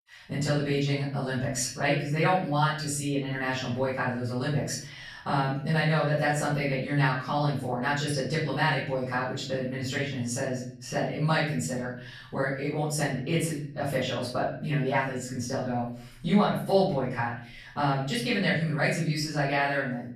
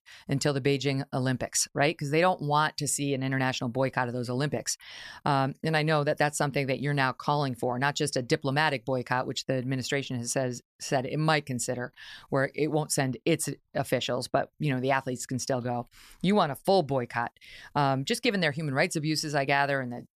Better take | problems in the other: second | off-mic speech; far // room echo; noticeable; dies away in 0.6 s

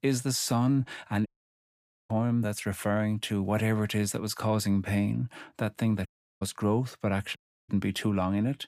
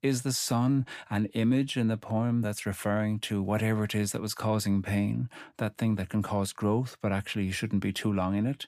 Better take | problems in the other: second | audio cutting out; at 1.5 s for 1 s, at 6 s and at 7.5 s

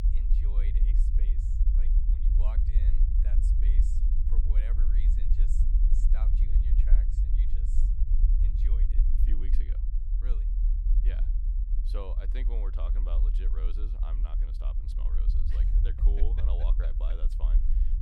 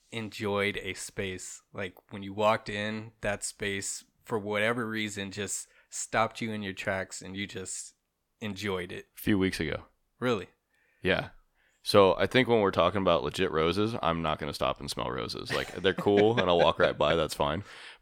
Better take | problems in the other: second | low rumble; loud; throughout; 1 dB below the speech

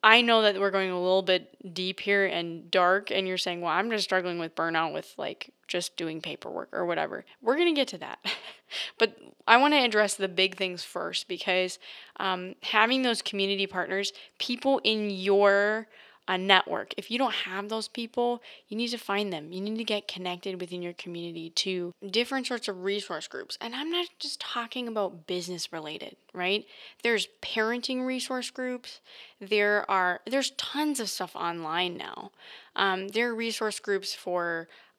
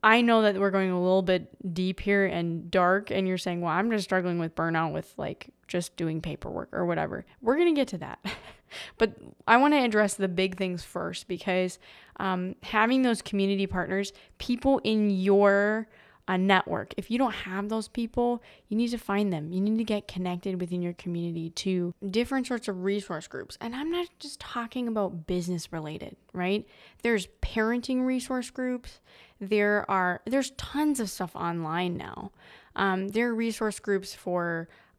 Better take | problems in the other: second | thin; very slightly; fading below 300 Hz

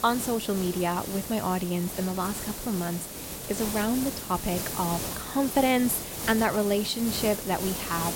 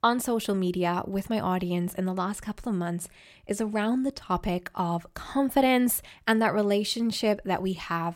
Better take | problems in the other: second | hiss; loud; throughout; 5 dB below the speech

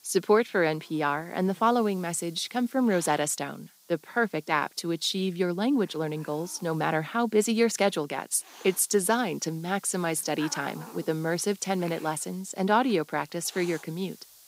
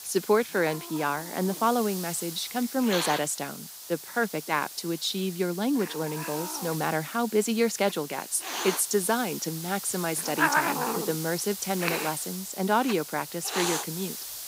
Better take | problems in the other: first | hiss; loud; throughout; 5 dB below the speech; faint in the first

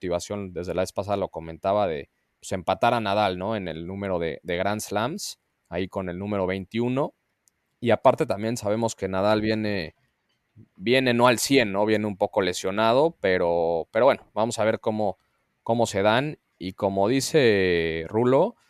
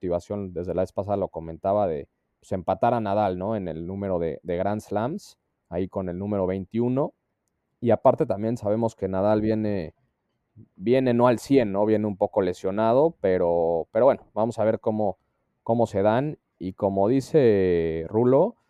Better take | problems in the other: first | muffled; slightly; fading above 1.5 kHz

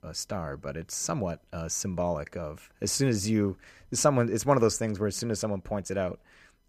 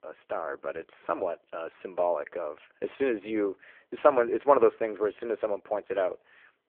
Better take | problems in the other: first | phone-call audio; poor line

